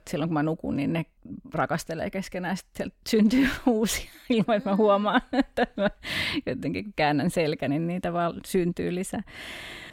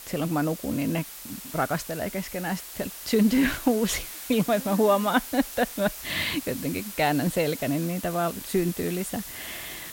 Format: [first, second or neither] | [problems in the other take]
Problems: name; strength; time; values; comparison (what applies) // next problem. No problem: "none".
first | hiss; noticeable; throughout; 10 dB below the speech